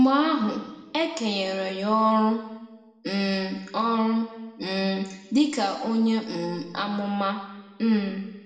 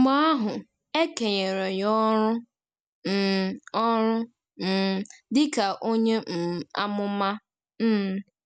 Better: second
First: room echo; dies away in 1.1 s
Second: none

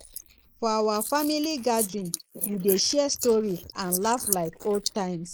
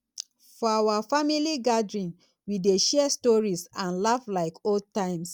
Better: second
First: noise reduction (neural mask model Resemble Enhance denoiser)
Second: none

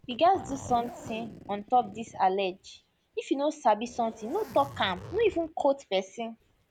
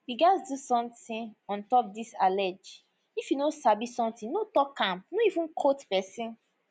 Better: second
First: background sound (Zipper (clothing)); 18 dB below the speech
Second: none

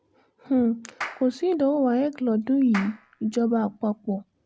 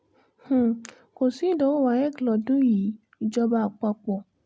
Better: second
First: background sound (Clapping); 16 dB below the speech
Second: none

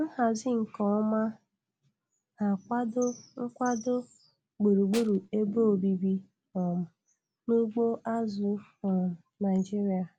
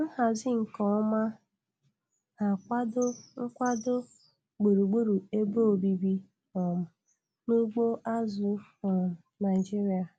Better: second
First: background sound (Tools); 13 dB below the speech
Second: none

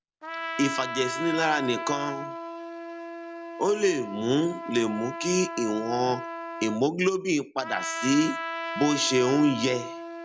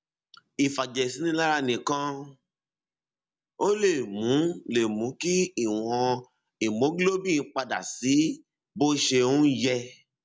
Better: second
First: background sound (Trumpet); 8 dB below the speech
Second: none

